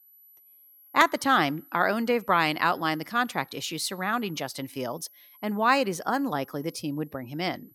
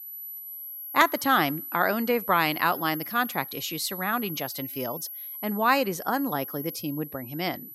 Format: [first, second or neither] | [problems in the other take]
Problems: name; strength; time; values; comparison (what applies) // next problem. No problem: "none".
first | high-pitched whine; loud; throughout; 11.5 kHz, 9 dB below the speech; faint in the first